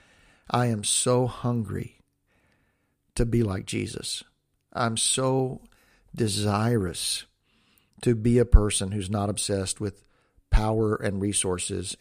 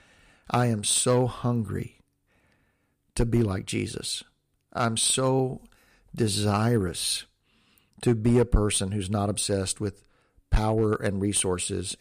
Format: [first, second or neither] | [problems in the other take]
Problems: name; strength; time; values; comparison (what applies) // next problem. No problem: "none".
first | distortion; slight; 1.1% of the sound clipped